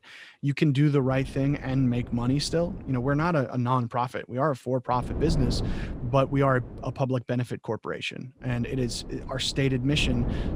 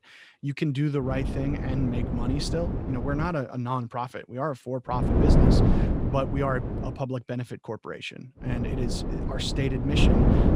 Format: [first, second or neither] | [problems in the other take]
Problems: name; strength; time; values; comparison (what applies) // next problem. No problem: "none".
first | wind noise on the microphone; heavy; from 1 to 3.5 s, from 5 to 7 s and from 8.5 s on; 1 dB below the speech; occasional gusts in the first